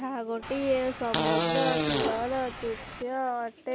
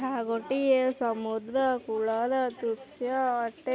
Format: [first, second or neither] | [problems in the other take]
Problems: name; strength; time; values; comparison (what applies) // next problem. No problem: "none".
second | background sound (Fart); as loud as the speech